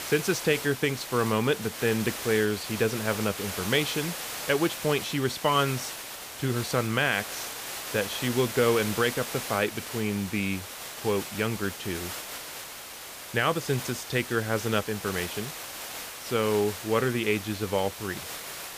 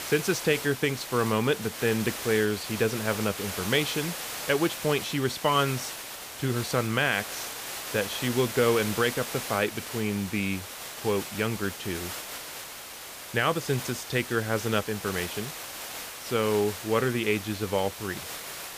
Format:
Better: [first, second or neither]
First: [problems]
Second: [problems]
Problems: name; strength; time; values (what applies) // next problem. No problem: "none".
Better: neither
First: hiss; loud; throughout; 7 dB below the speech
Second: hiss; loud; throughout; 7 dB below the speech